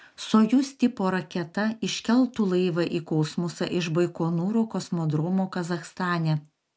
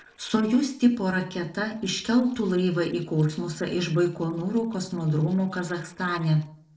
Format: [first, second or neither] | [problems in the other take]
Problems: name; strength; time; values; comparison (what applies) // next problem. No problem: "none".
first | noise reduction (neural separator model SepFormer DNS4)